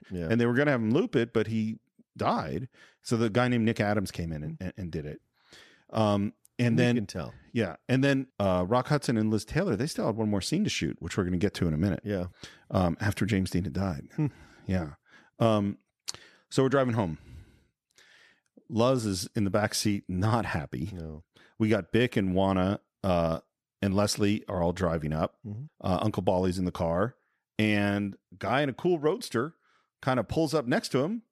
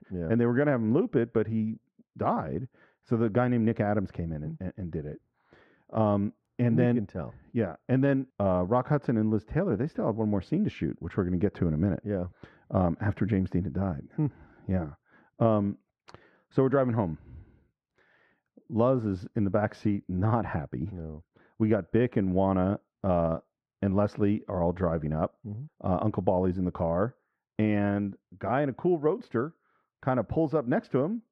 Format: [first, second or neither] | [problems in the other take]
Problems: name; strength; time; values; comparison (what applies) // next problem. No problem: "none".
first | muffled; very; fading above 3.5 kHz